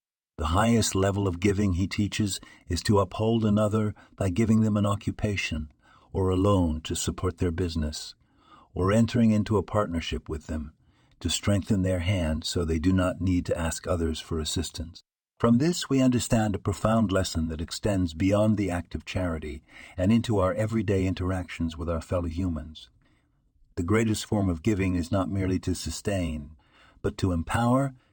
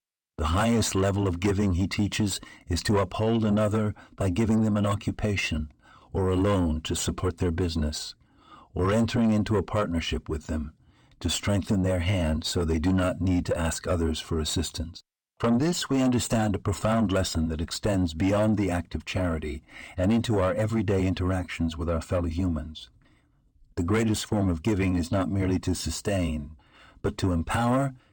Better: first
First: none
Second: distortion; slight; 10 dB below the speech

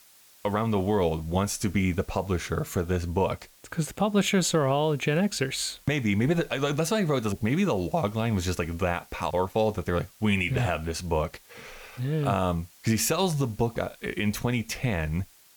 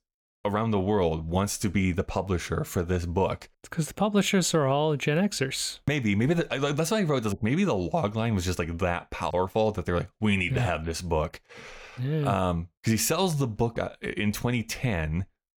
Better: second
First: hiss; faint; throughout; 25 dB below the speech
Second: none

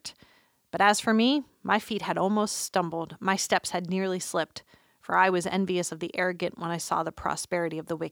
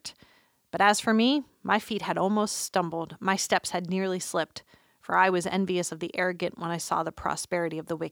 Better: neither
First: none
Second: none

